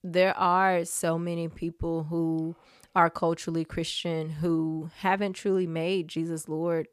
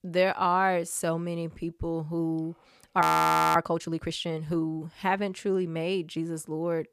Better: first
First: none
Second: audio freezing; at 3 s for 0.5 s

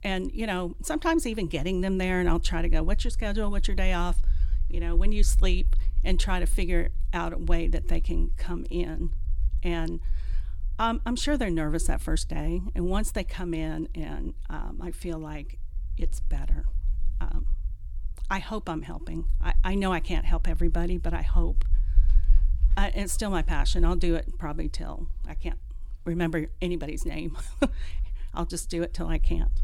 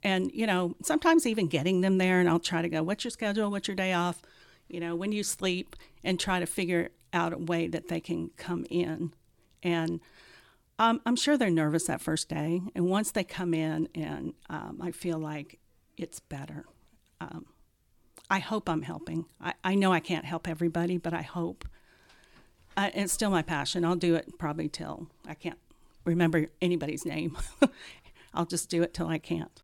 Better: second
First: low rumble; faint; throughout; 25 dB below the speech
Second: none

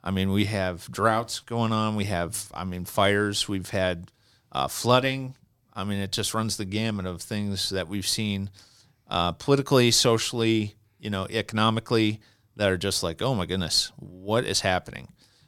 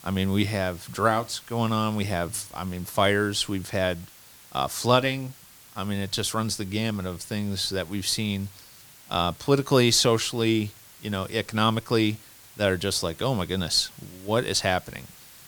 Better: first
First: none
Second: hiss; faint; throughout; 20 dB below the speech

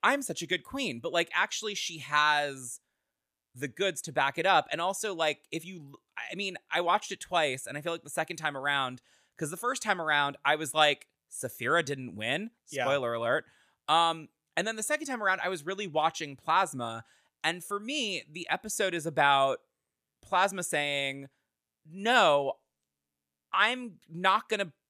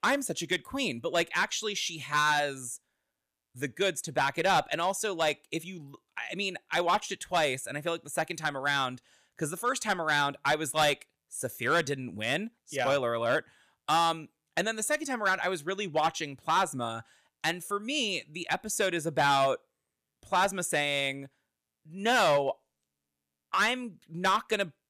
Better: first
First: none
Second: distortion; slight; 3% of the sound clipped

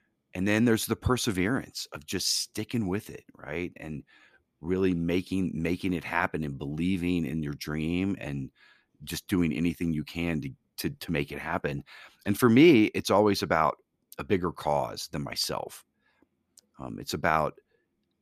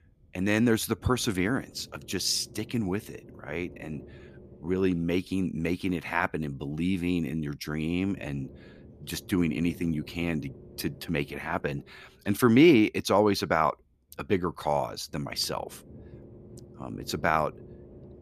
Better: first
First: none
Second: low rumble; faint; throughout; 25 dB below the speech

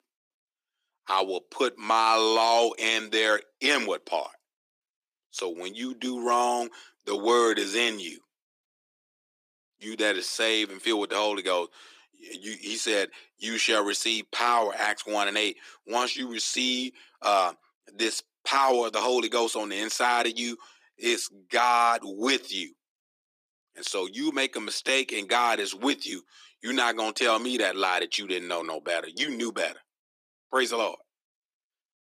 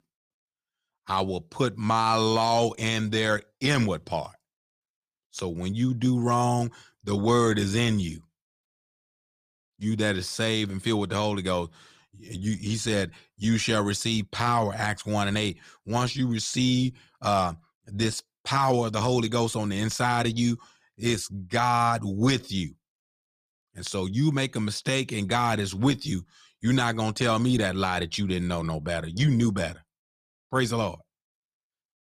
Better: second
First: thin; somewhat; fading below 300 Hz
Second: none

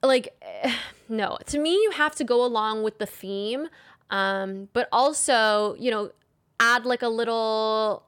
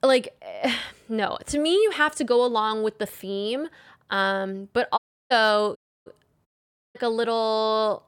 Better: first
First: none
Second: audio cutting out; at 5 s, at 6 s and at 6.5 s

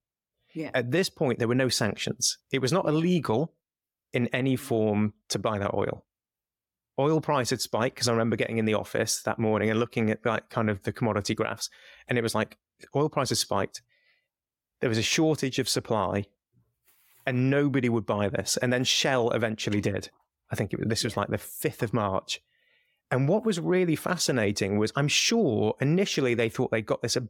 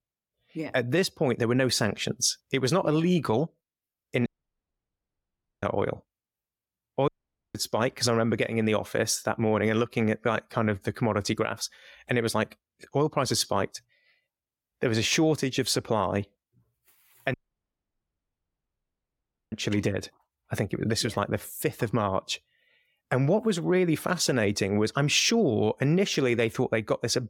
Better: first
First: none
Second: audio cutting out; at 4.5 s for 1.5 s, at 7 s and at 17 s for 2 s

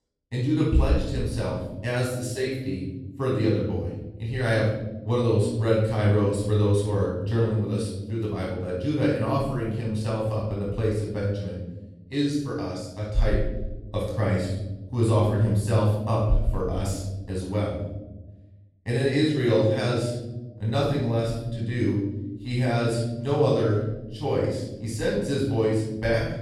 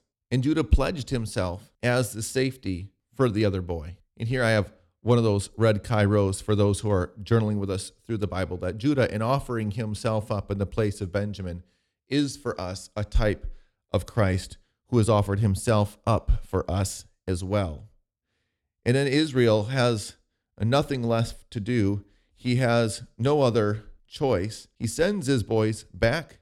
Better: second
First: off-mic speech; far // room echo; noticeable; dies away in 1.1 s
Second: none

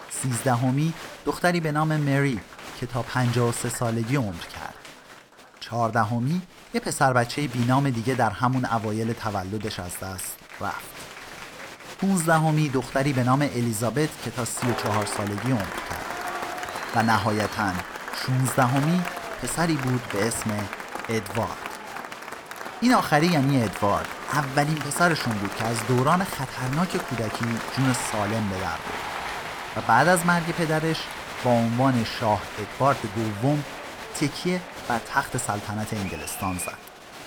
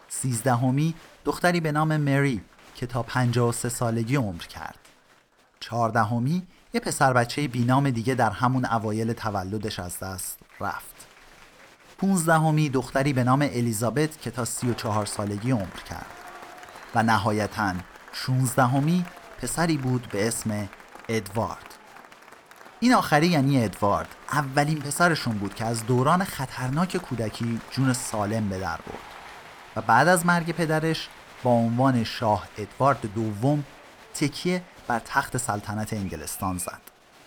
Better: second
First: crowd noise; loud; throughout; 9 dB below the speech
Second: crowd noise; faint; throughout; 20 dB below the speech

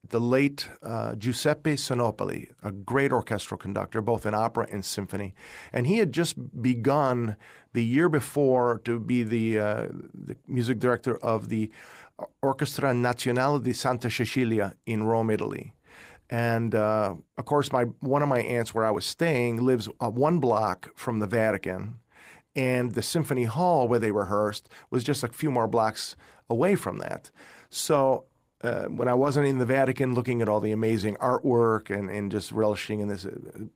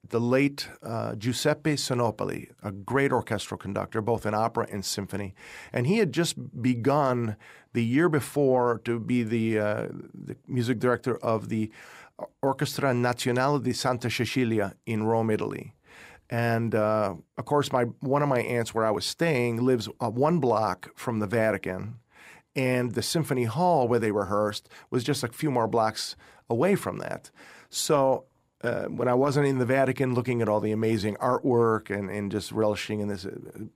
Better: second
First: garbled, watery; slightly; nothing above 15.5 kHz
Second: none

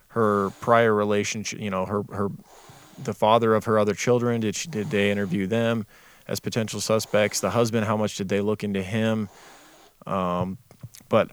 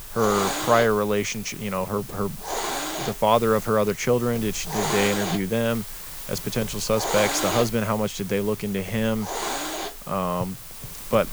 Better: first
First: hiss; faint; throughout; 30 dB below the speech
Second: hiss; loud; throughout; 6 dB below the speech

